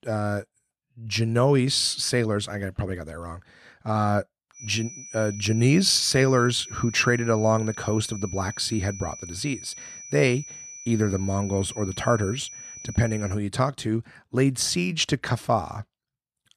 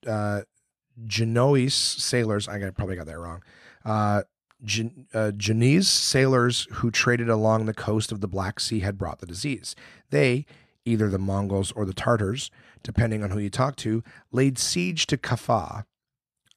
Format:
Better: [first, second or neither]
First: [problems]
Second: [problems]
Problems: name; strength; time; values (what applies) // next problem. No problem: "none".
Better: second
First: high-pitched whine; noticeable; from 4.5 to 13 s; 6 kHz, 15 dB below the speech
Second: none